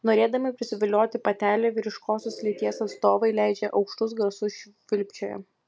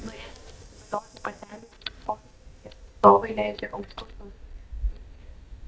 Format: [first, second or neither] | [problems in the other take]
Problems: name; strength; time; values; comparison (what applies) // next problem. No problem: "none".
first | noise reduction (neural mask model DeepFilterNet 3)